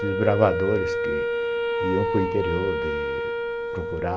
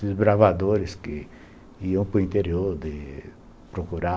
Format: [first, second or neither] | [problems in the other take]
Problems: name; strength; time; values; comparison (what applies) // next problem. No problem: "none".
second | background sound (Wind instrument, woodwind instrument); 1 dB above the speech